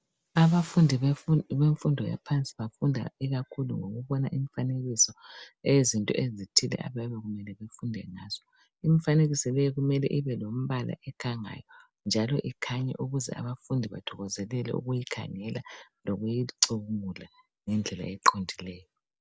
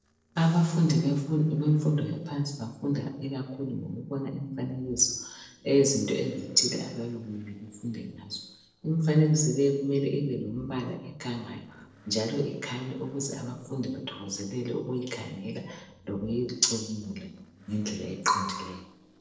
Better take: first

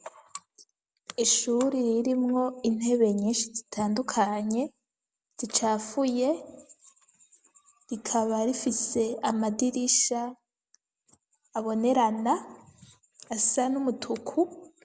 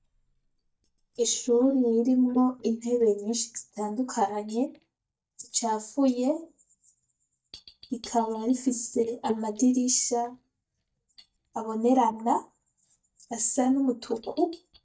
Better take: first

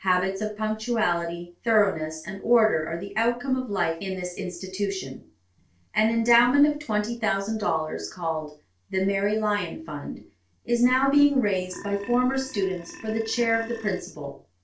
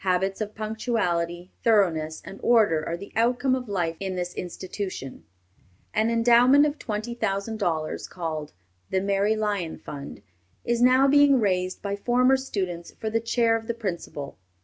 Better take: second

